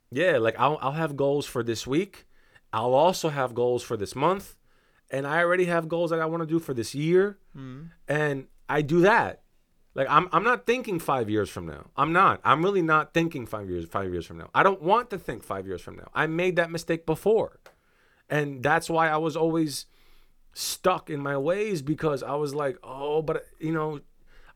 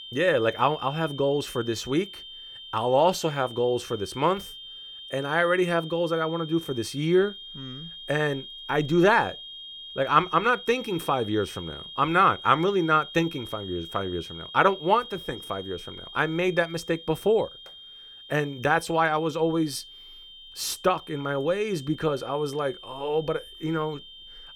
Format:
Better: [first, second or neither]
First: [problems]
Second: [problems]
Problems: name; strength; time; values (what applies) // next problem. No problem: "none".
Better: first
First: none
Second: high-pitched whine; noticeable; throughout; 3 kHz, 15 dB below the speech